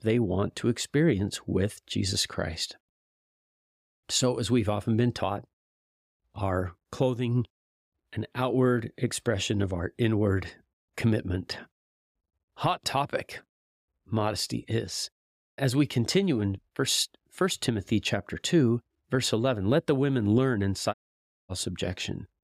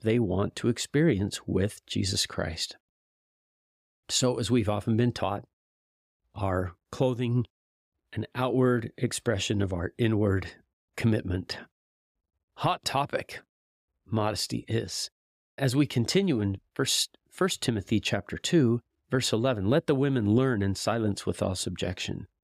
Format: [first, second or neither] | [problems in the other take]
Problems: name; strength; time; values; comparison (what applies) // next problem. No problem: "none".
second | audio cutting out; at 21 s for 0.5 s